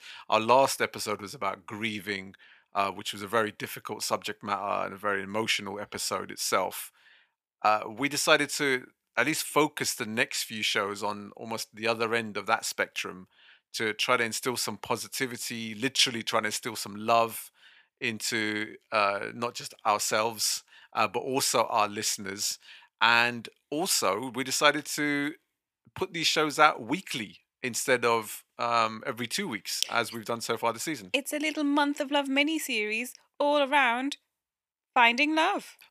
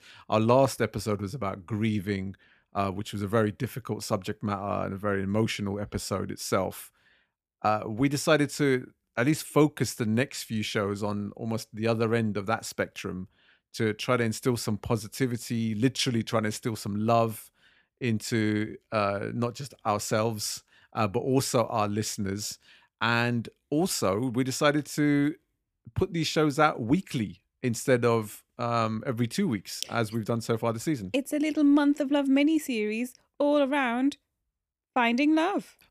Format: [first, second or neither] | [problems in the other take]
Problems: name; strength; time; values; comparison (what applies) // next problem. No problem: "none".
second | thin; somewhat; fading below 1 kHz